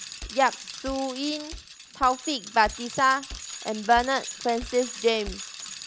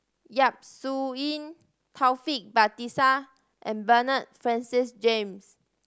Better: second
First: background sound (Bicycle); 12 dB below the speech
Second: none

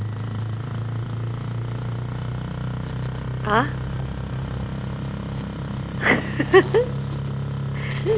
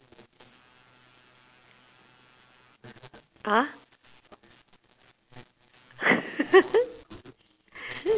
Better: second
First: background sound (Engine starting); 1 dB below the speech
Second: none

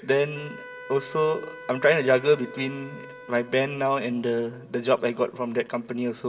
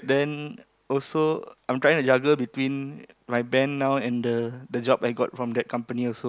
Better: second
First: background sound (Wind instrument, woodwind instrument); 19 dB below the speech // room echo; dies away in 1.9 s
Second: none

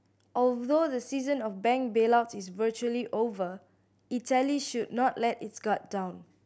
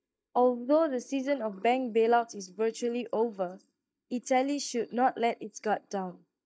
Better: first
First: none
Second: noise reduction (neural mask model DeepFilterNet 3)

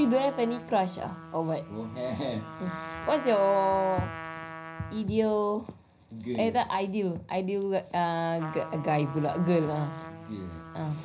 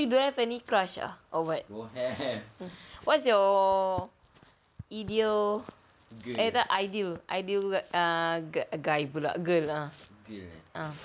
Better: second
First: background sound (Trumpet); 13 dB below the speech // room echo; dies away in 0.4 s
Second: none

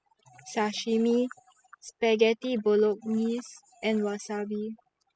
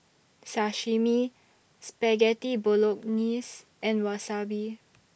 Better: second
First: noise reduction (classical method spectral subtraction)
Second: none

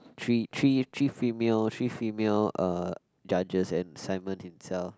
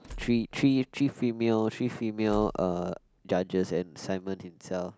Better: first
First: none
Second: background sound (Tools); 20 dB below the speech

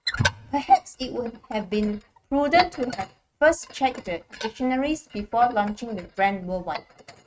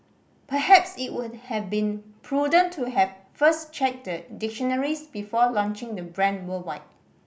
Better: second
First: noise reduction (neural mask model RNNoise)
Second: none

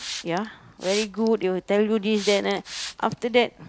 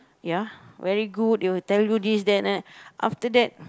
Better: second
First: background sound (Hiss); 13 dB below the speech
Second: none

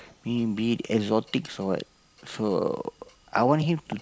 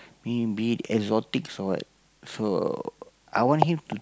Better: second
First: noise reduction (neural mask model Resemble Enhance denoiser)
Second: none

